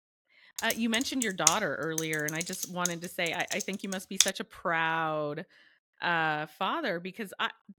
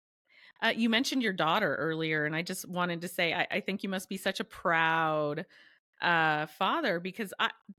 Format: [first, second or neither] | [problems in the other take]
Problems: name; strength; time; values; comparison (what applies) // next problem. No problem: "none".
second | keyboard typing; loud; from 0.5 to 4.5 s; peak 6 dB above the speech